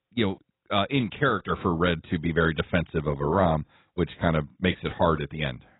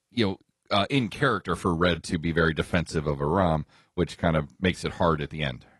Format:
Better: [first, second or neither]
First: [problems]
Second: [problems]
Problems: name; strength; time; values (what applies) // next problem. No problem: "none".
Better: second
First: garbled, watery; badly; nothing above 4 kHz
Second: garbled, watery; slightly; nothing above 11 kHz